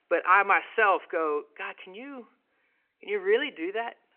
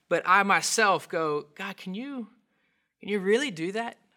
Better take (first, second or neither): second